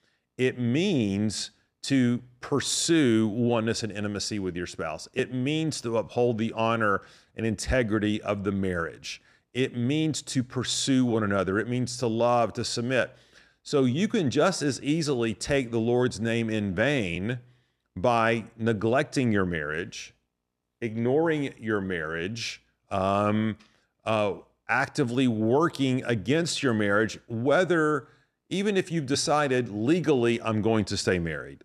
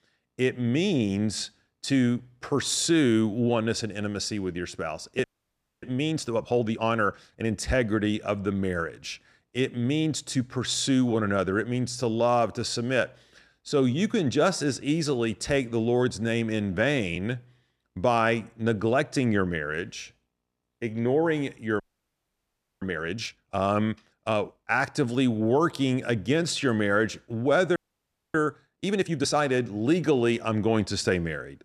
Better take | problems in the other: first | audio freezing; at 5 s for 0.5 s, at 22 s for 1 s and at 28 s for 0.5 s

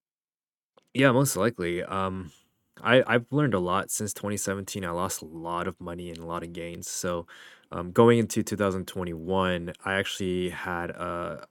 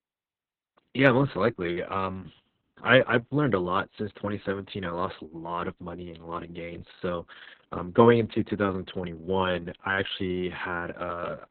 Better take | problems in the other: first | garbled, watery; badly; nothing above 3.5 kHz

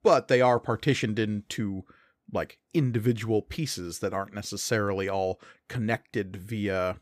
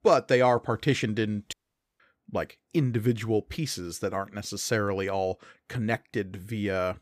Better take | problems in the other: first | audio cutting out; at 1.5 s

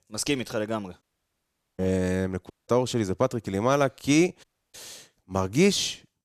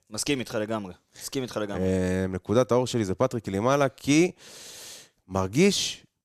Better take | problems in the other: second | audio cutting out; at 1 s for 1 s, at 2.5 s and at 4.5 s

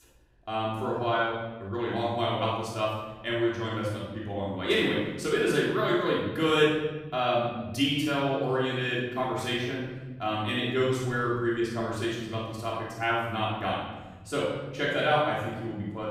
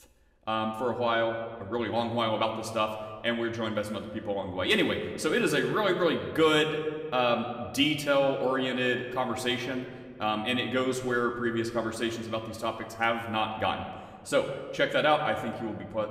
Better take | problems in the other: second | room echo; strong; dies away in 1.3 s; slight in the second // off-mic speech; far

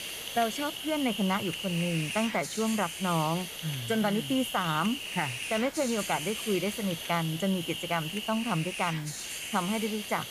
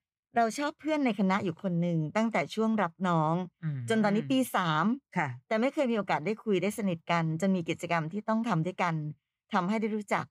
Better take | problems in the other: second | hiss; loud; throughout; 4 dB below the speech

